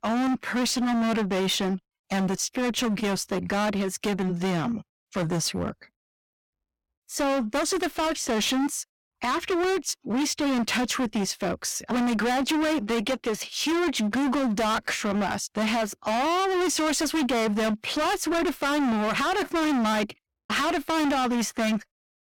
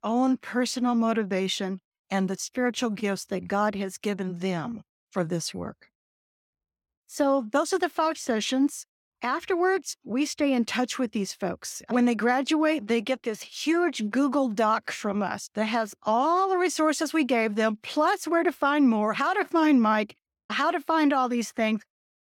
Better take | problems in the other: second | distortion; heavy; 31% of the sound clipped

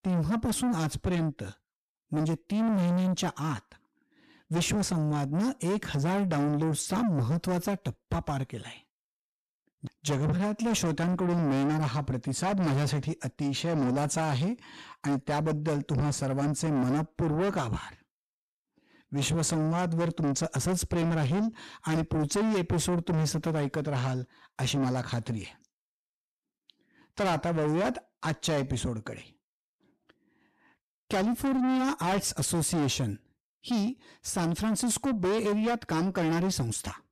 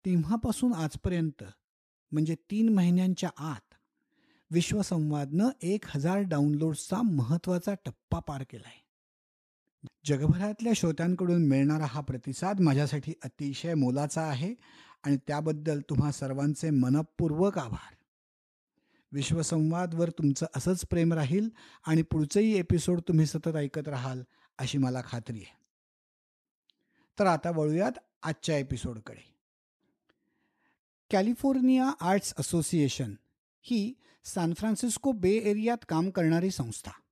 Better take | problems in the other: second | distortion; heavy; 6 dB below the speech

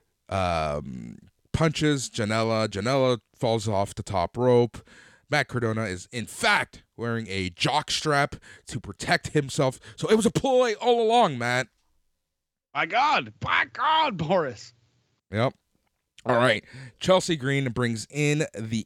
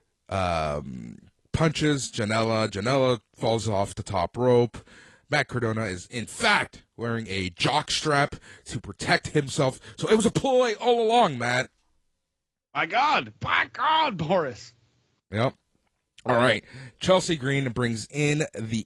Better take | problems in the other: first | garbled, watery; slightly

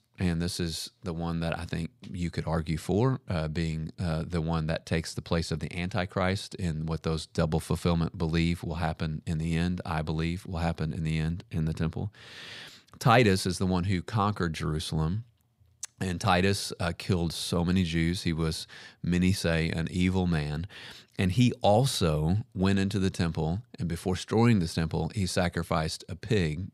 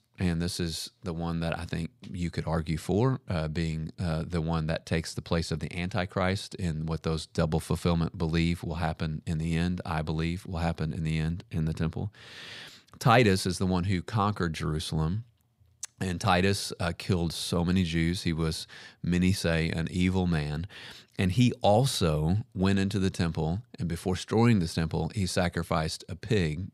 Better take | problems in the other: neither | none

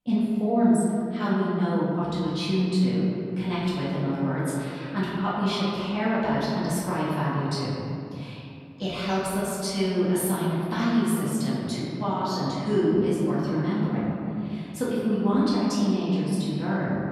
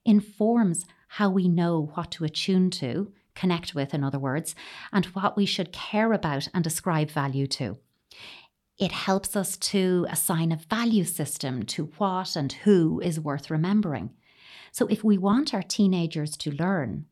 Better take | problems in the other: second | off-mic speech; far // room echo; strong; dies away in 2.7 s

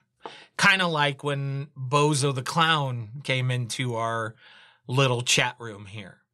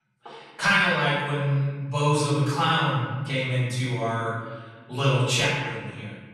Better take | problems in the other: first | room echo; strong; dies away in 1.4 s // off-mic speech; far

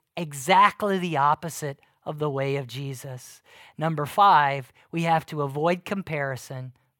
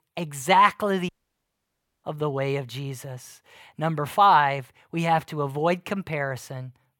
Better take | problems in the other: first | audio cutting out; at 1 s for 1 s

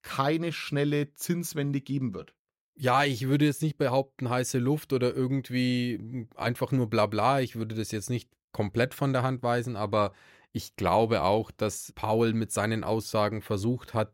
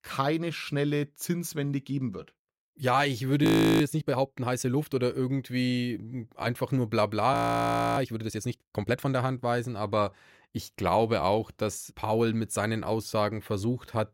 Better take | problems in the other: first | audio freezing; at 3.5 s and at 7.5 s for 0.5 s

